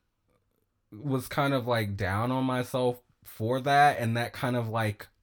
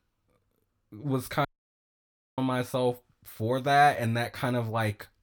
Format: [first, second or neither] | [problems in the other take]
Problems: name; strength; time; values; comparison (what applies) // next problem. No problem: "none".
first | audio cutting out; at 1.5 s for 1 s